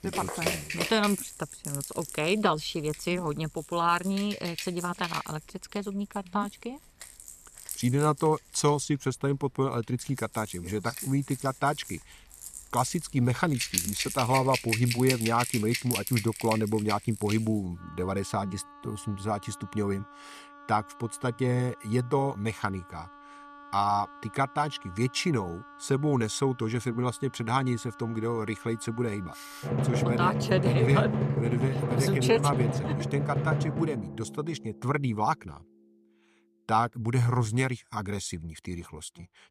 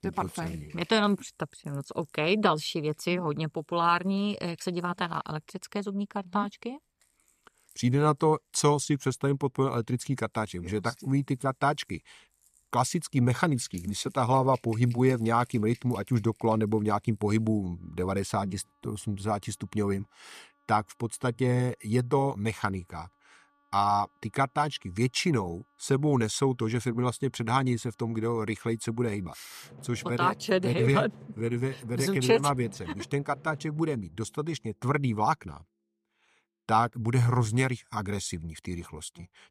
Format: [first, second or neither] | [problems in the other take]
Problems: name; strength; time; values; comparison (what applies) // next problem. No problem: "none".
second | background music; loud; throughout; 3 dB below the speech; faint in the second